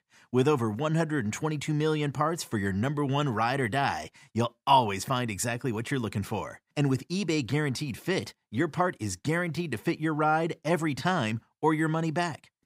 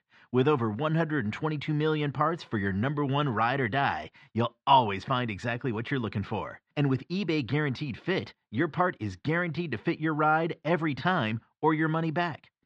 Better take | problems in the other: first | muffled; slightly; fading above 4 kHz

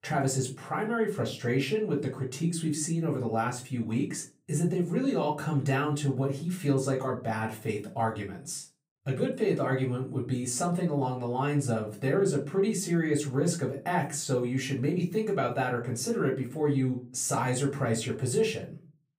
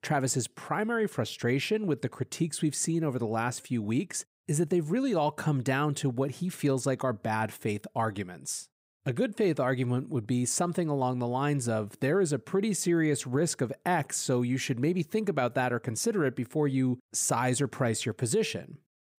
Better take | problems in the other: second | off-mic speech; far // room echo; very slight; dies away in 0.3 s

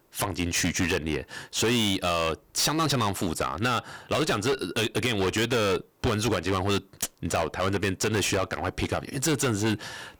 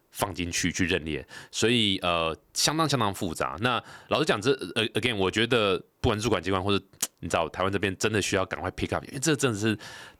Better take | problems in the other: second | distortion; heavy; 17% of the sound clipped

